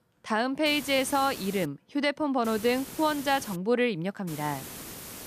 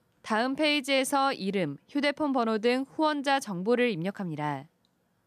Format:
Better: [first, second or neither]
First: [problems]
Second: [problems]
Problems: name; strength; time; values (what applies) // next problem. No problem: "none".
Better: second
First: hiss; noticeable; at 0.5 s, from 2.5 to 3.5 s and at 4.5 s; 15 dB below the speech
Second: none